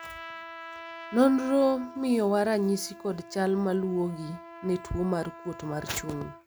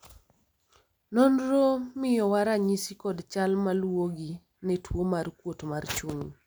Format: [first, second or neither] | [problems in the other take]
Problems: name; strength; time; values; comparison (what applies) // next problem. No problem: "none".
second | background sound (Trumpet); 16 dB below the speech